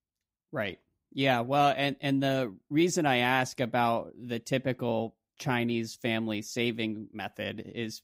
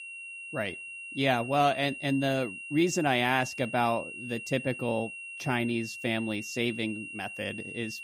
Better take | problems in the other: first | high-pitched whine; loud; throughout; 2.5 kHz, 9 dB below the speech

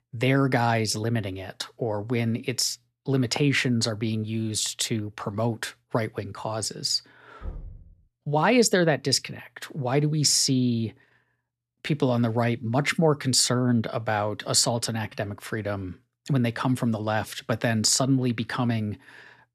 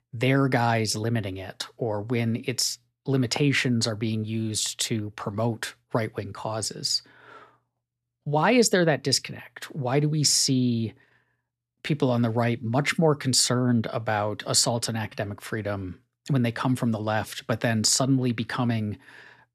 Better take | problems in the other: second | door banging; faint; at 7.5 s; peak 15 dB below the speech

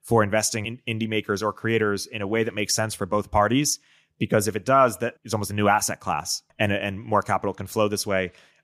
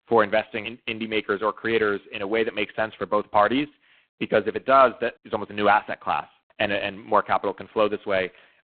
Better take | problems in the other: first | phone-call audio; poor line; nothing above 3.5 kHz

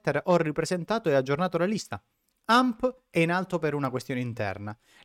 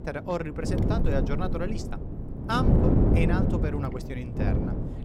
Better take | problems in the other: first | wind noise on the microphone; heavy; 1 dB below the speech

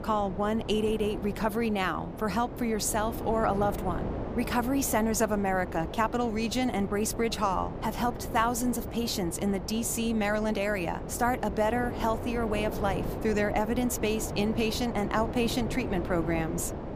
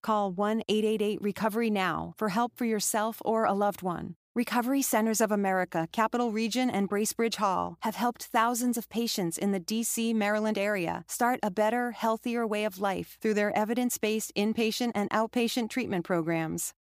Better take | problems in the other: second | wind noise on the microphone; occasional gusts; 10 dB below the speech

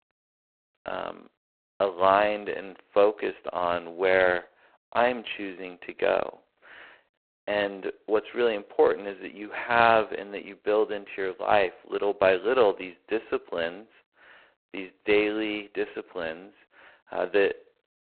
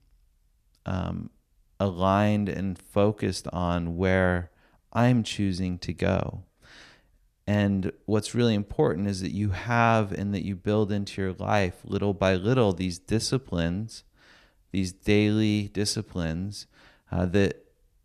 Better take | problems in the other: second | phone-call audio; poor line; nothing above 4 kHz

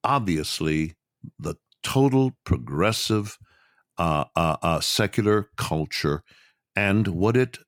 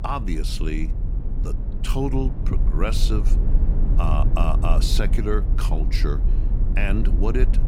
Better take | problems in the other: first | low rumble; loud; throughout; 10 dB below the speech

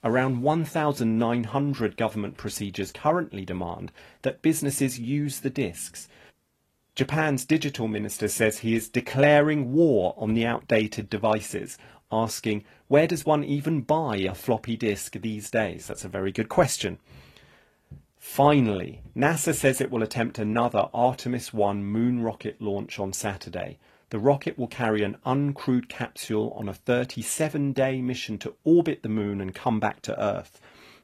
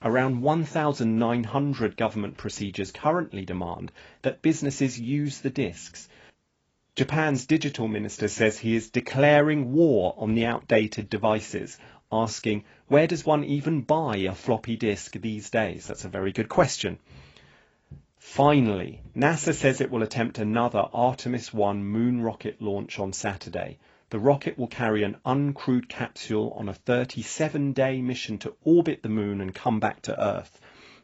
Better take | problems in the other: first | garbled, watery; badly; nothing above 7.5 kHz; slightly in the first

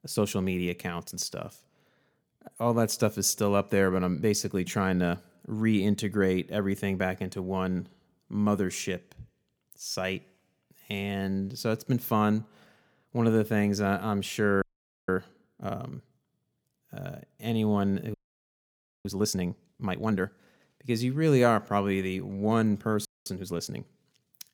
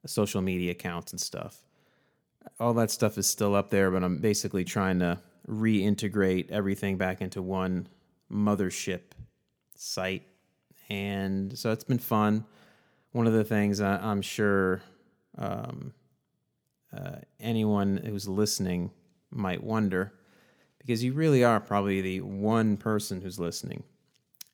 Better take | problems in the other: second | audio freezing; at 15 s, at 18 s for 1 s and at 23 s

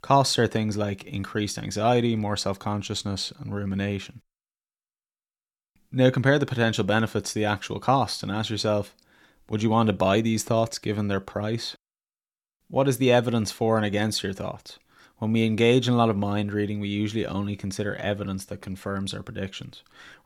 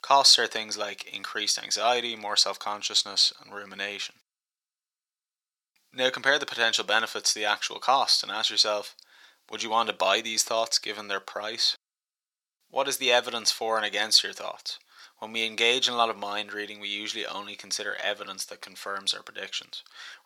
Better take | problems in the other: first | thin; very; fading below 800 Hz

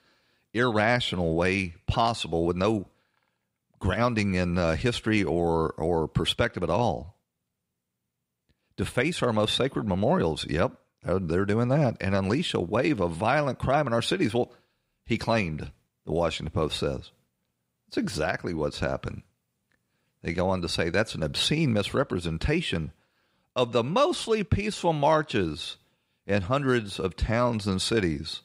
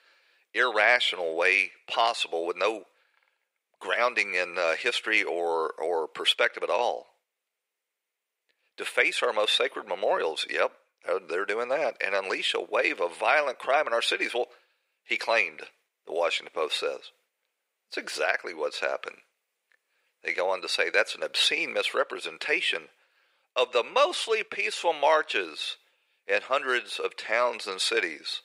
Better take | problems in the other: first | thin; very; fading below 450 Hz

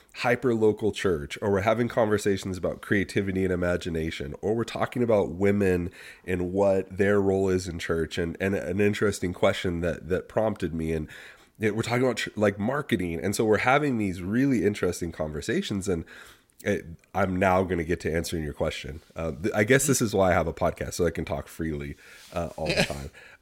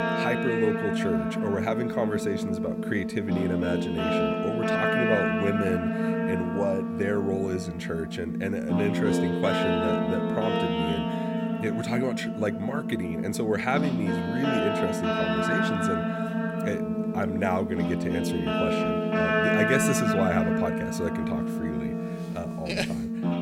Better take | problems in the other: first | background music; very loud; throughout; 3 dB above the speech

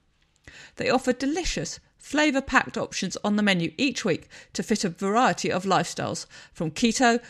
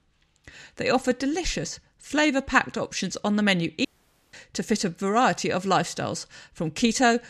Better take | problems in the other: first | audio cutting out; at 4 s

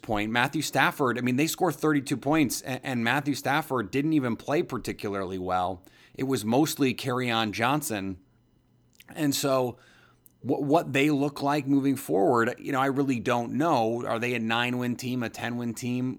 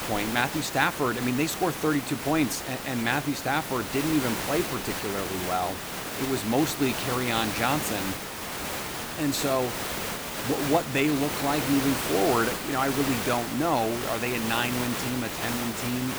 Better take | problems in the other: first | hiss; loud; throughout; 4 dB below the speech

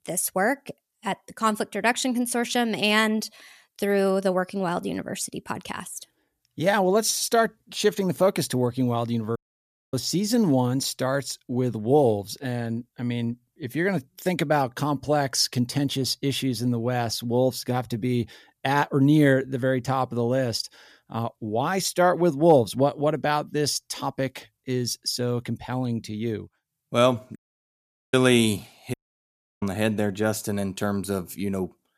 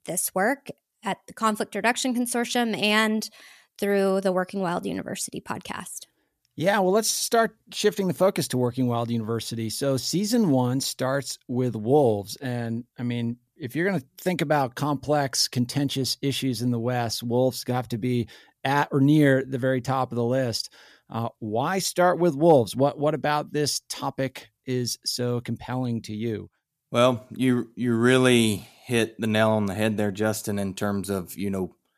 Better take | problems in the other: second | audio cutting out; at 9.5 s for 0.5 s, at 27 s for 1 s and at 29 s for 0.5 s

